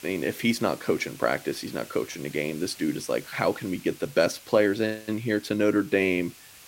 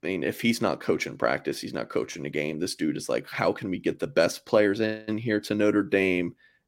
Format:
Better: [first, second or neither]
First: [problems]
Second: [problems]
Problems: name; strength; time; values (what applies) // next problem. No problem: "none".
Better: second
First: hiss; noticeable; throughout; 20 dB below the speech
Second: none